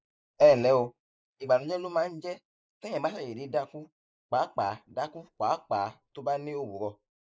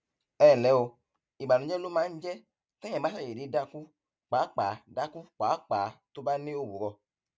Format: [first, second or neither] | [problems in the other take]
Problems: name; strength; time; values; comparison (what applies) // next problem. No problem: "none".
second | noise reduction (neural mask model Resemble Enhance denoiser)